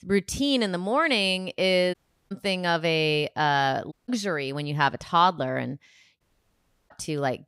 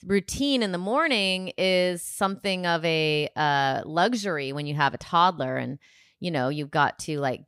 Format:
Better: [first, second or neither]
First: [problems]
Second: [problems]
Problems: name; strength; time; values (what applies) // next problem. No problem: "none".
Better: second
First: audio cutting out; at 2 s, at 4 s and at 6 s for 0.5 s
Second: none